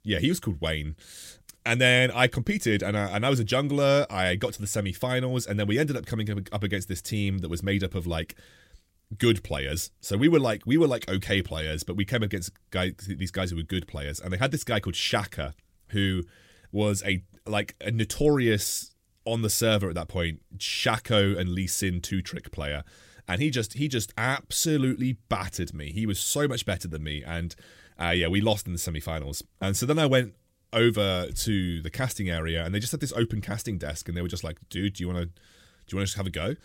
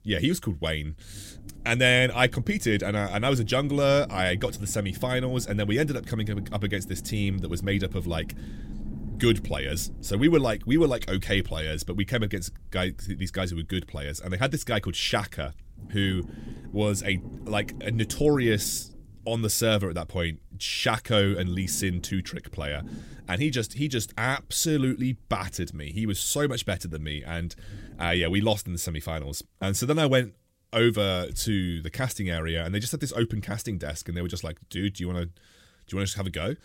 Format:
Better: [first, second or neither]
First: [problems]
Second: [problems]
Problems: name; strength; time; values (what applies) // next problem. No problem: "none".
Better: first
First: none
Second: low rumble; faint; until 28 s; 20 dB below the speech